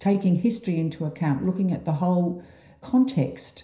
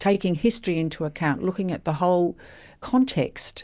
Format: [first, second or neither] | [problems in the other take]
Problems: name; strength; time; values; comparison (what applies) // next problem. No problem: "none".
second | room echo; dies away in 0.5 s